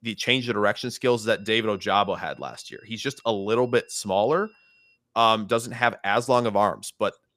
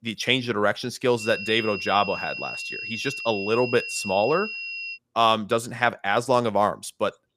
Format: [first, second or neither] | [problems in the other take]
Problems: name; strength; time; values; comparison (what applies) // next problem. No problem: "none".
first | high-pitched whine; loud; from 1 to 5 s; 2.5 kHz, 7 dB below the speech; faint in the first